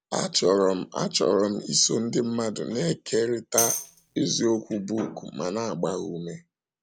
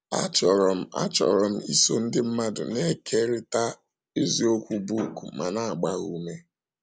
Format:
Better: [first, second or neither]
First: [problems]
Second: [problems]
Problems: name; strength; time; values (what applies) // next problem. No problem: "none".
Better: second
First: background sound (Tambourine); 5 dB below the speech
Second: none